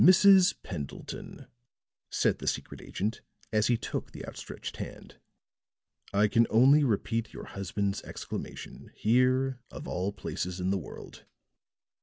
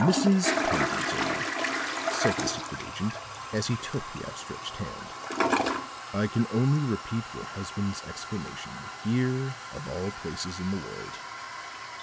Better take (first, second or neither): first